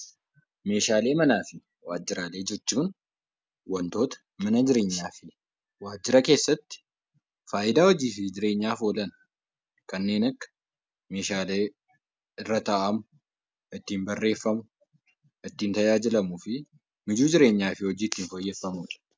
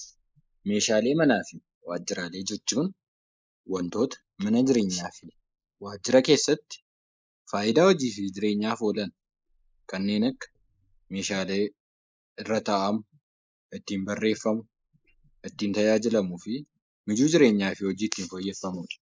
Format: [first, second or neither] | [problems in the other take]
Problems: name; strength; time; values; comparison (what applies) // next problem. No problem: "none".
first | noise reduction (neural mask model Resemble Enhance denoiser)